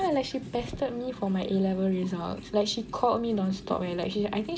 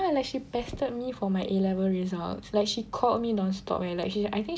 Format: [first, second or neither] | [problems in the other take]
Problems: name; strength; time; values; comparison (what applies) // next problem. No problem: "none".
second | background sound (Writing + Liquid); 15 dB below the speech